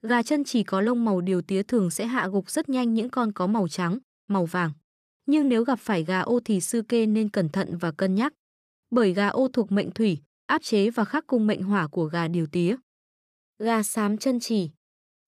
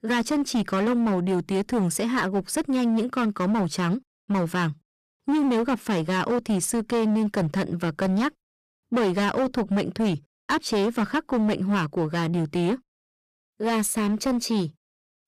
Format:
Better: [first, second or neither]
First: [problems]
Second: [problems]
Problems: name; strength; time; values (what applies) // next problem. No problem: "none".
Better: first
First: none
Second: distortion; slight; 16% of the sound clipped